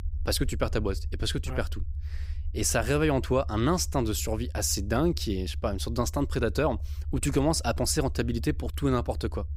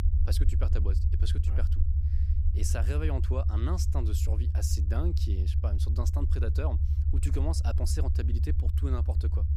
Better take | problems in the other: first | low rumble; loud; throughout; 5 dB below the speech; faint in the first

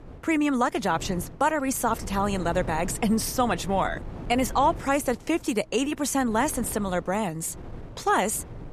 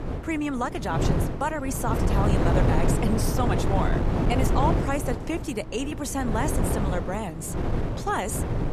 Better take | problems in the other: first | wind noise on the microphone; heavy; 2 dB below the speech; occasional gusts in the first

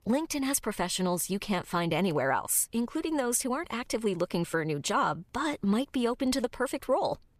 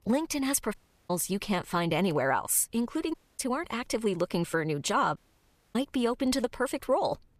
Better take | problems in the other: first | audio cutting out; at 0.5 s, at 3 s and at 5 s for 0.5 s

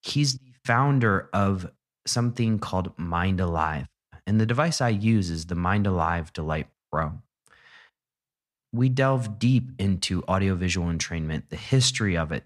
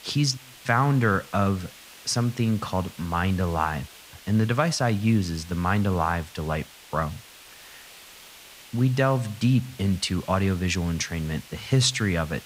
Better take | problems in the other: first | hiss; noticeable; throughout; 20 dB below the speech

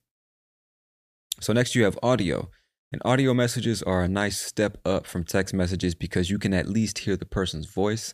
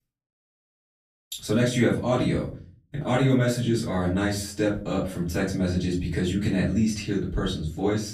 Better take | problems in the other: first | room echo; slight; dies away in 0.4 s // off-mic speech; far

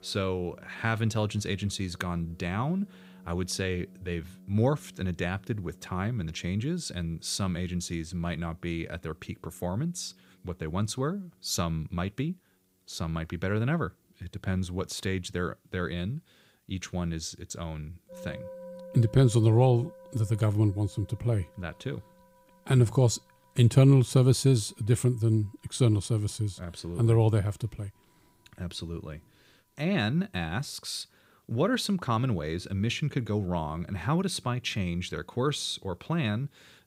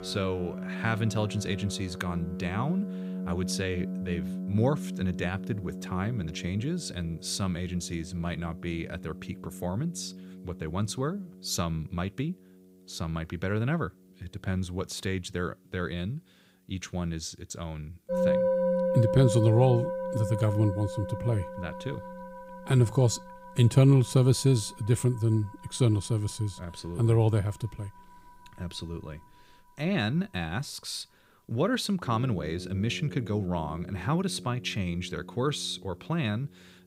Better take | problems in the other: first | background music; loud; throughout; 6 dB below the speech; faint in the first

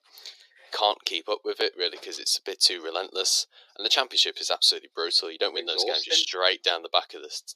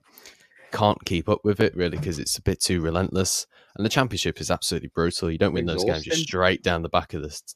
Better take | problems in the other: second | thin; very; fading below 350 Hz

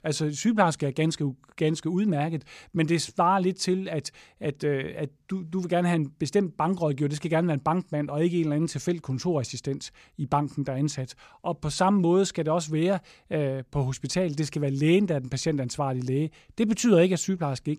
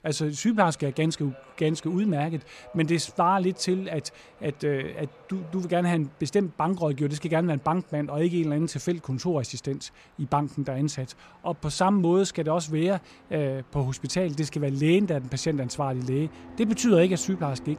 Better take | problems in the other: first | train or aircraft noise; faint; throughout; 25 dB below the speech

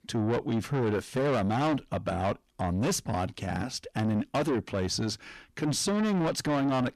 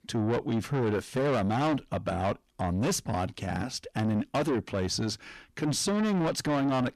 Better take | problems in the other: neither | distortion; heavy; 6 dB below the speech; the same in both

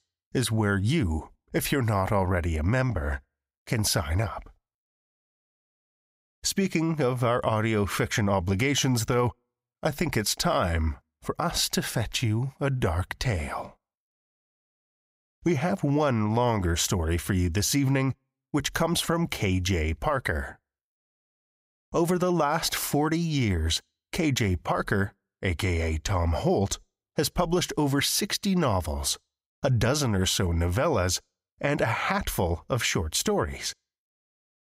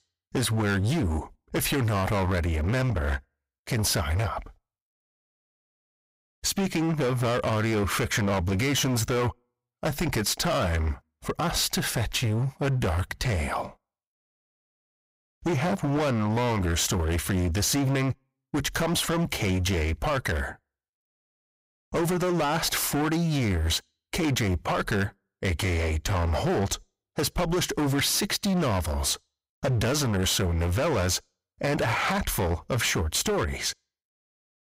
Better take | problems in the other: first | distortion; heavy; 22% of the sound clipped

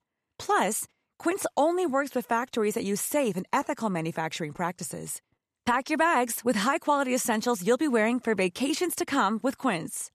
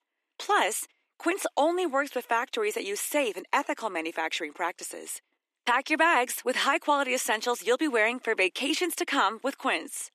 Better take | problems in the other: first | thin; somewhat; fading below 300 Hz

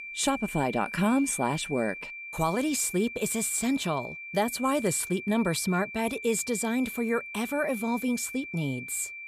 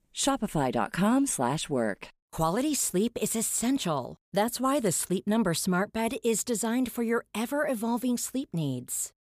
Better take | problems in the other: second | high-pitched whine; loud; throughout; 2.5 kHz, 10 dB below the speech

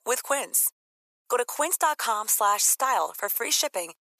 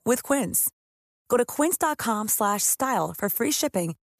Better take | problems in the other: second | thin; very; fading below 550 Hz

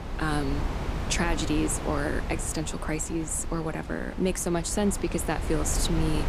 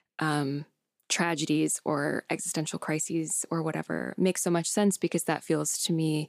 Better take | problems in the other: second | wind noise on the microphone; heavy; 8 dB below the speech

